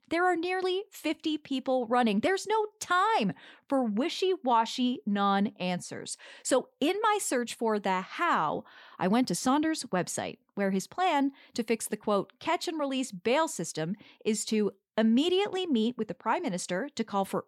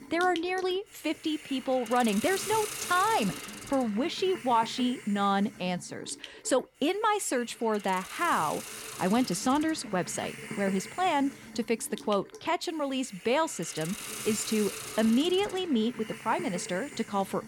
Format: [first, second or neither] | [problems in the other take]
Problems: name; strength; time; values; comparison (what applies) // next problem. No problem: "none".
first | hiss; noticeable; throughout; 10 dB below the speech